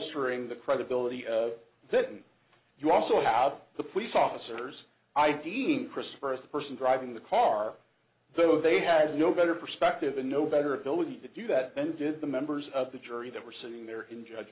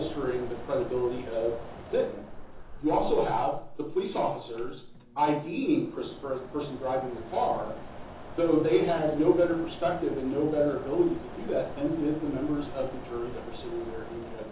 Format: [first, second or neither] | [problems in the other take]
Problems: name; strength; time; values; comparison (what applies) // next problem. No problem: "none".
first | background sound (Mechanisms); 11 dB below the speech // room echo; dies away in 0.7 s